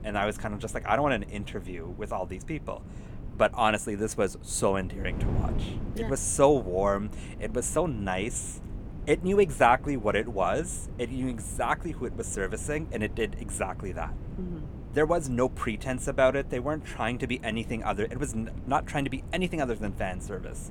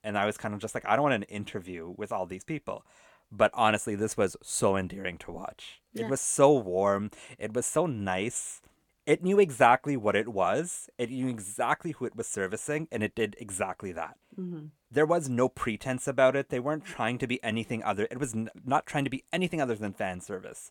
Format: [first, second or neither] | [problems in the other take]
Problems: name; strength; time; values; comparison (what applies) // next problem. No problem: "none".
second | wind noise on the microphone; occasional gusts; 20 dB below the speech